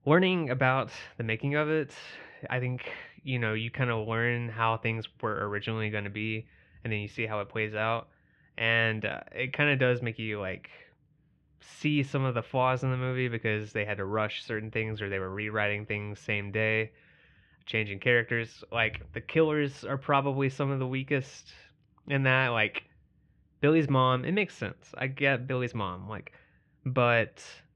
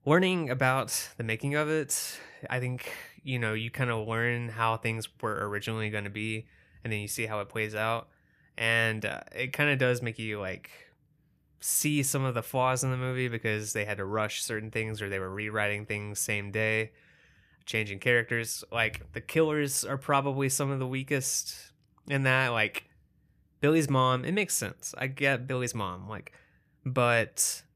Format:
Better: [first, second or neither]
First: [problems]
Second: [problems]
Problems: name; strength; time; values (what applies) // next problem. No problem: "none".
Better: second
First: muffled; very; fading above 3.5 kHz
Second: none